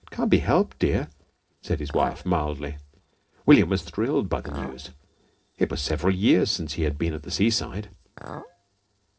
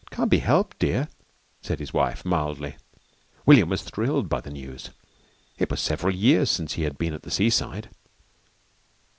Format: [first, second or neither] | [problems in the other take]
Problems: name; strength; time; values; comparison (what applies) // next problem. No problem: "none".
second | noise reduction (neural separator model SepFormer DNS4)